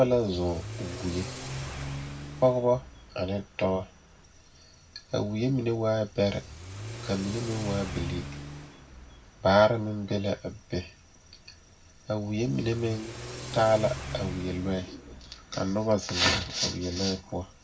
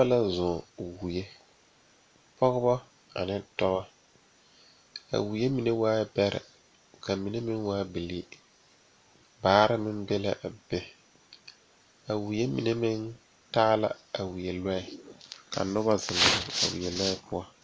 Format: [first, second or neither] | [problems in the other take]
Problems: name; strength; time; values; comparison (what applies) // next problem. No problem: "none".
second | background sound (Accelerating, revving, vroom / Car); 12 dB below the speech // room echo; dies away in 0.4 s